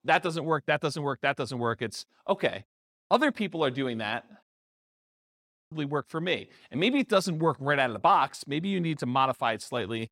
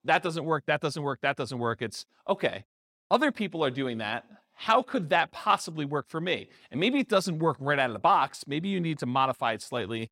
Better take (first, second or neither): second